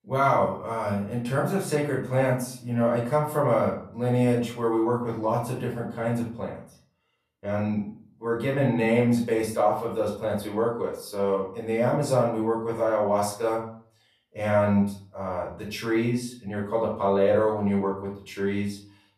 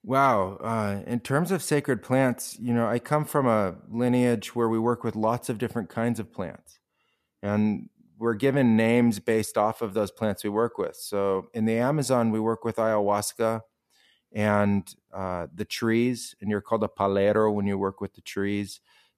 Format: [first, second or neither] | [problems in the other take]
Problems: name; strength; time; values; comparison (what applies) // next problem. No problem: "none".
second | room echo; slight; dies away in 0.4 s // off-mic speech; far